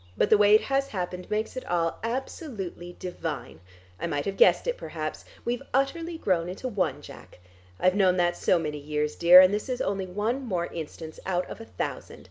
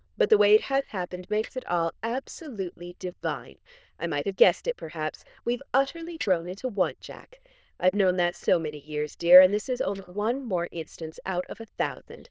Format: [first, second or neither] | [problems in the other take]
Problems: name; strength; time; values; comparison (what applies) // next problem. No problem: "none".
first | noise reduction (neural diffusion model UNIVERSE++)